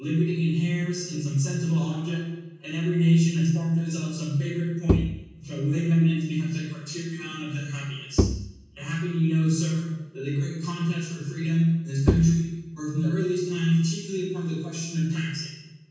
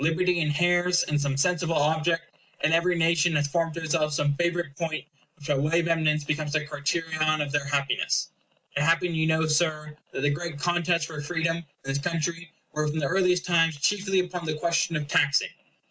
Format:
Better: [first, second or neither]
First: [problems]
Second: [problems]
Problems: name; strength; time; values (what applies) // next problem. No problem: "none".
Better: second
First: background sound (Bowed string instrument); 3 dB below the speech // room echo; dies away in 1.2 s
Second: none